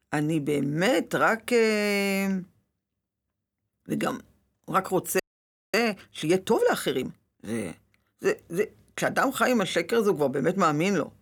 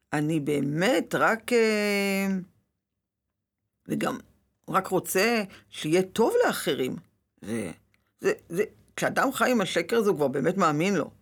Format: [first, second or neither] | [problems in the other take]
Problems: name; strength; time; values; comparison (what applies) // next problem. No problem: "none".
second | audio freezing; at 5 s for 0.5 s